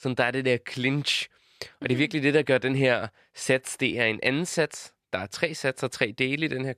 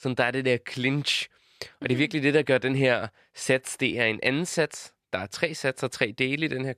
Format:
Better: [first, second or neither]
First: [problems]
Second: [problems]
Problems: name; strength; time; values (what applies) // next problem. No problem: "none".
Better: neither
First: none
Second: none